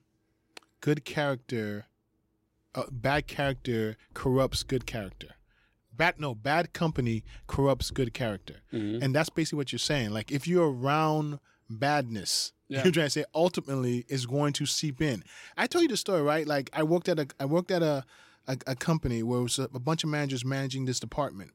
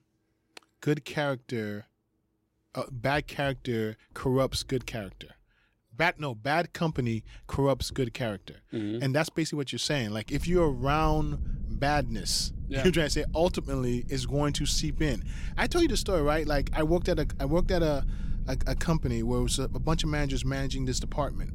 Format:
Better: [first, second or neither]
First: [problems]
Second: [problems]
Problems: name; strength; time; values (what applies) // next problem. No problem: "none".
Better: first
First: none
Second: low rumble; faint; from 10 s on; 20 dB below the speech